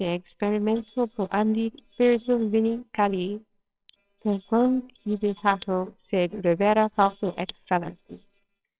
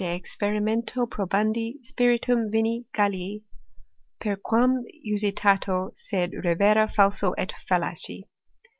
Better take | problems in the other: second | noise reduction (neural separator model SepFormer WHAMR!)

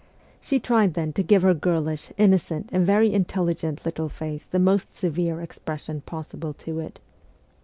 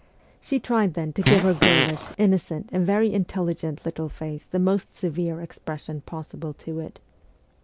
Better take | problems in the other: first | background sound (Fart); 3 dB above the speech

